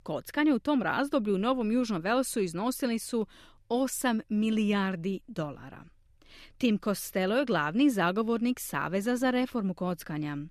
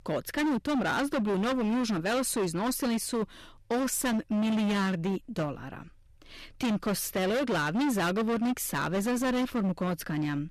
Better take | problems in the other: first | distortion; heavy; 26% of the sound clipped

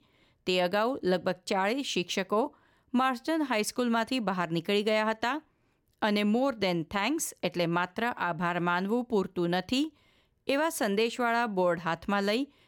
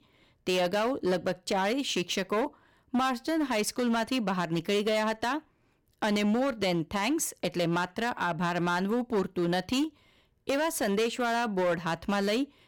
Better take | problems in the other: first | distortion; slight; 11% of the sound clipped

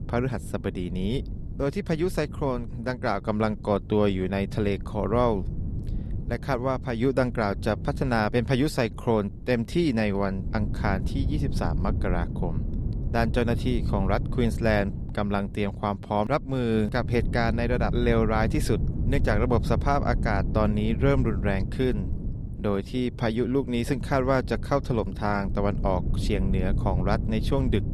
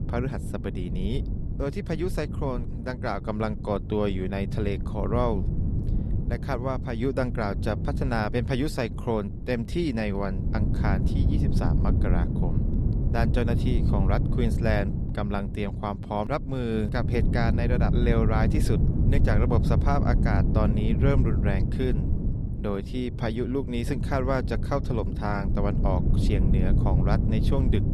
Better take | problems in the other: first | wind noise on the microphone; heavy; 7 dB below the speech; occasional gusts in the first

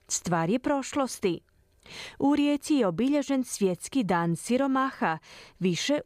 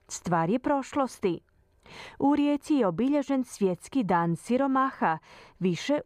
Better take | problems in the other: first | muffled; slightly; fading above 2.5 kHz

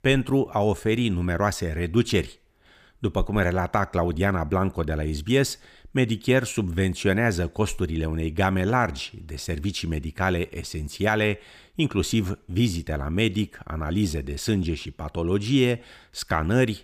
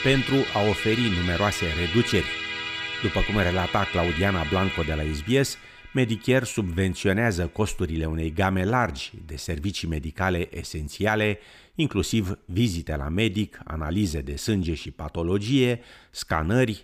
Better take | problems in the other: first | background music; loud; throughout; 3 dB below the speech

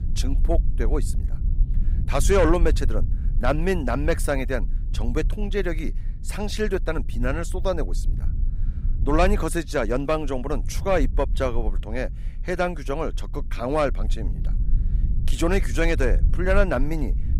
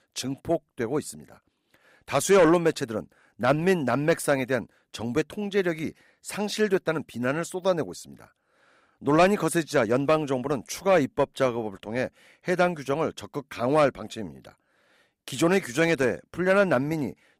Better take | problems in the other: second | low rumble; faint; throughout; 20 dB below the speech

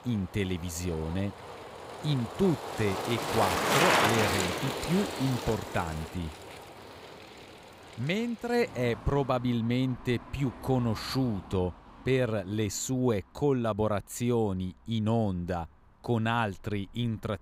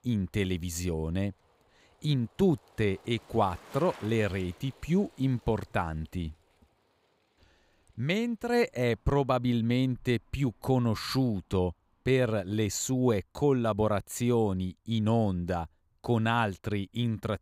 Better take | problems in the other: second | traffic noise; loud; throughout; 2 dB below the speech; faint in the second

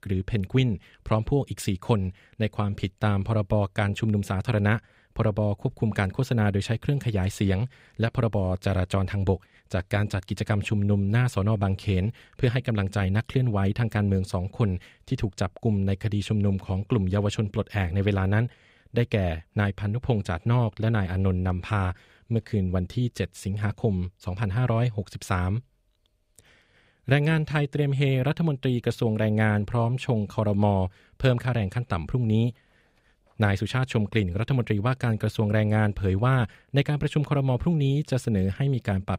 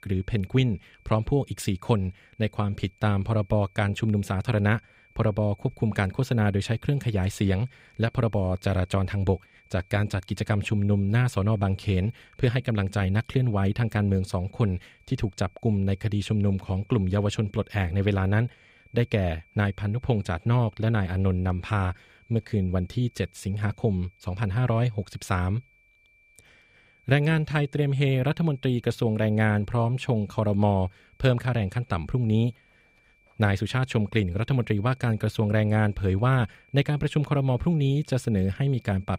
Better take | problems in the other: first | high-pitched whine; faint; throughout; 2.5 kHz, 35 dB below the speech

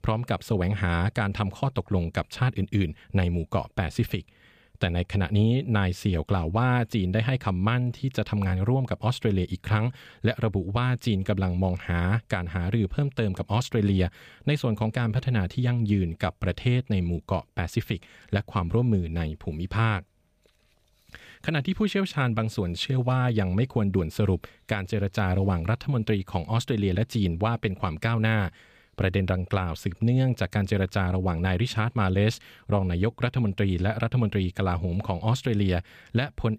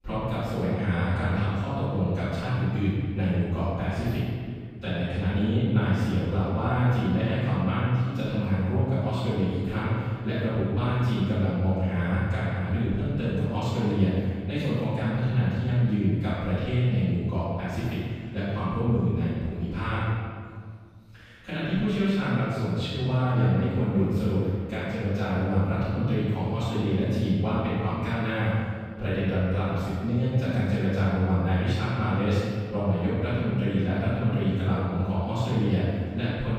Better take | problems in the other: first | off-mic speech; far // room echo; strong; dies away in 1.8 s

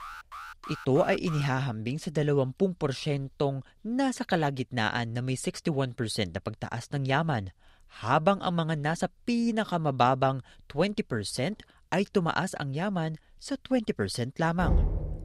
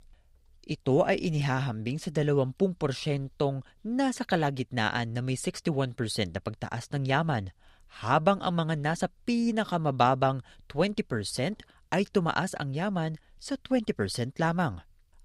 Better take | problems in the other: second | alarm; faint; until 1.5 s; peak 15 dB below the speech // door banging; loud; at 15 s; peak 1 dB above the speech

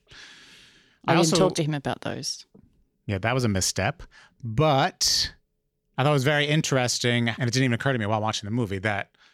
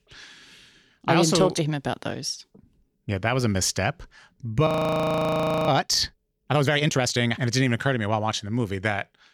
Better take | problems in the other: first | audio freezing; at 4.5 s for 1 s

